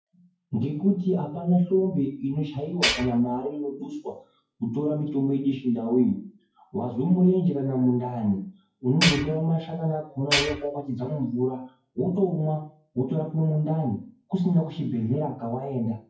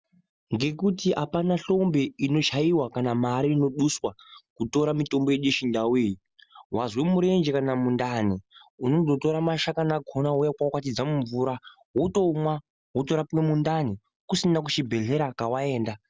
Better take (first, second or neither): second